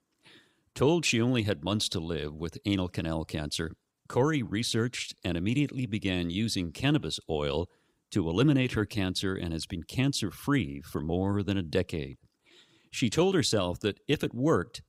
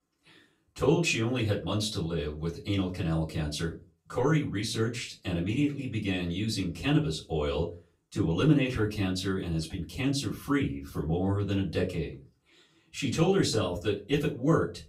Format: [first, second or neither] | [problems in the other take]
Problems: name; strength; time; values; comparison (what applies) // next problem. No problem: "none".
first | off-mic speech; far // room echo; very slight; dies away in 0.2 s